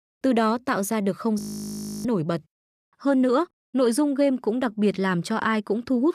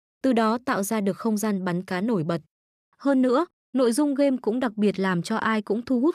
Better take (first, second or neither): second